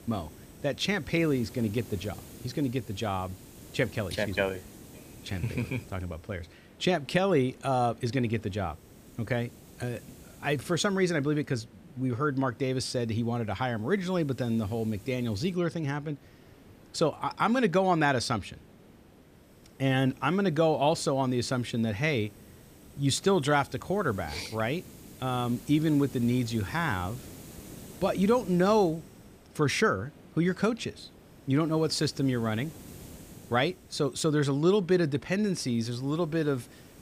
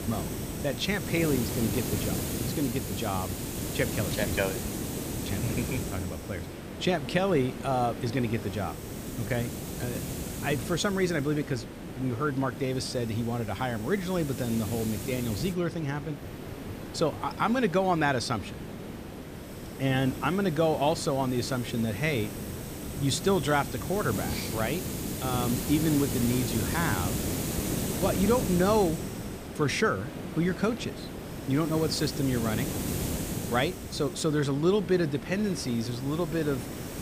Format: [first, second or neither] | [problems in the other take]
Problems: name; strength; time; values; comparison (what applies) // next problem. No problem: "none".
first | hiss; loud; throughout; 5 dB below the speech; faint in the first